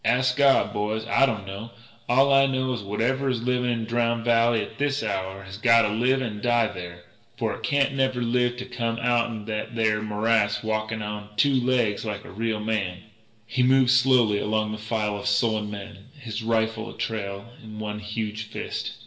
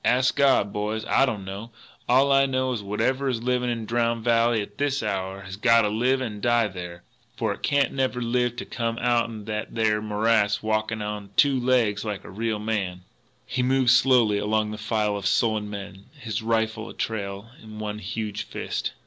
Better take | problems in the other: second | room echo; dies away in 0.8 s

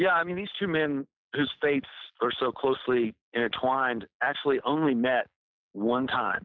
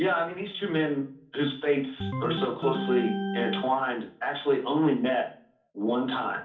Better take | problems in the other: first | background sound (Organ); 5 dB below the speech // room echo; dies away in 0.4 s

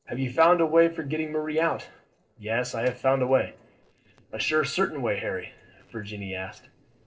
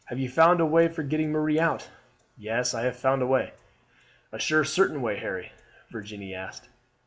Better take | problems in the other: second | noise reduction (neural separator model SepFormer DNS4)

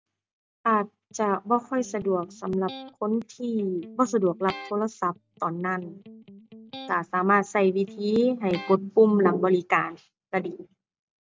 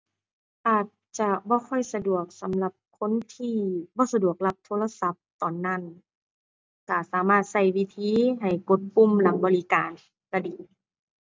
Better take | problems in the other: second | background sound (Electric guitar); 18 dB below the speech

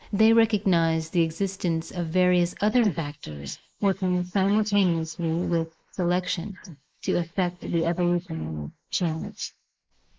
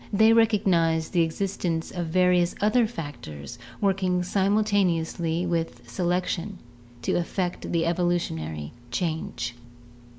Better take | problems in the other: second | noise reduction (neural mask model Resemble Enhance denoiser)

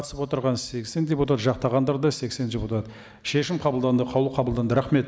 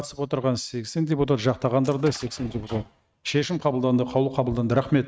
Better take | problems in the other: first | noise reduction (neural mask model RNNoise)

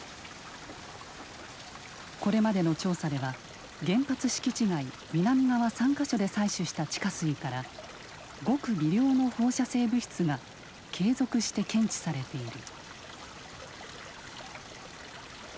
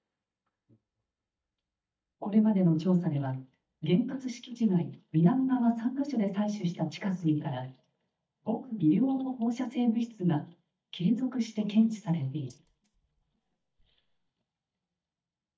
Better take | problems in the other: first | noise reduction (neural mask model DeepFilterNet 3)

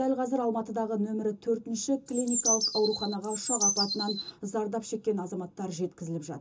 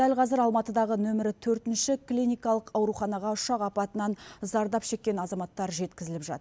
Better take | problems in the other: second | background sound (Bird); 1 dB above the speech // room echo; dies away in 0.2 s

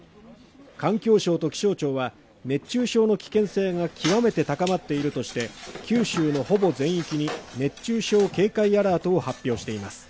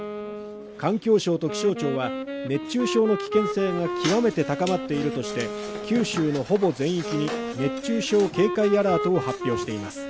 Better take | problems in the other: first | background sound (Wind instrument, woodwind instrument); 7 dB below the speech

